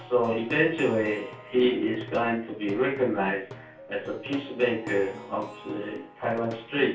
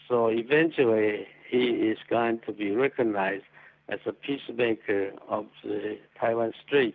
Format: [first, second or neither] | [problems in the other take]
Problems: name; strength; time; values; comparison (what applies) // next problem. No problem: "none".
second | background sound (Plucked string instrument); 16 dB below the speech // room echo; dies away in 0.3 s